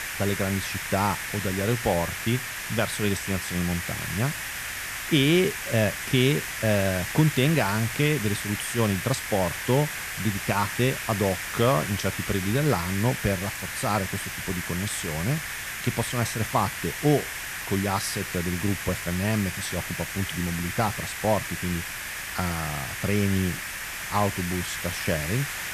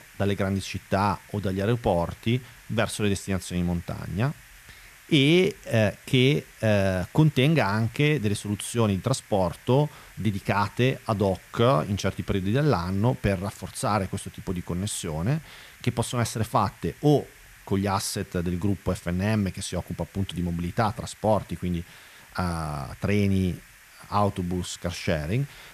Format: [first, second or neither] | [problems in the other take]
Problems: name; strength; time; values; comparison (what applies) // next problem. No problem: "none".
second | hiss; loud; throughout; 4 dB below the speech; faint in the second